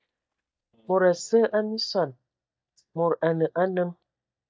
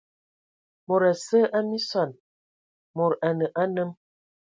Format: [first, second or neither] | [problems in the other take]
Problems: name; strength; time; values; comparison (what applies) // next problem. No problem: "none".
second | noise reduction (neural mask model DeepFilterNet 3)